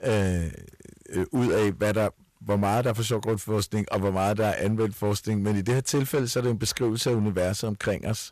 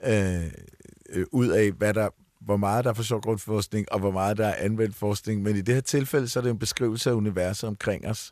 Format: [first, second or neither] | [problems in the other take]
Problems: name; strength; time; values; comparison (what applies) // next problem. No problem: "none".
second | distortion; slight; 13% of the sound clipped